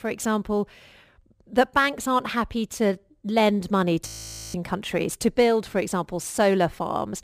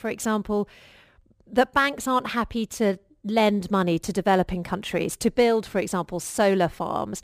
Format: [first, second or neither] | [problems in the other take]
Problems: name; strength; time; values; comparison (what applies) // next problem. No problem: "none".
second | audio freezing; at 4 s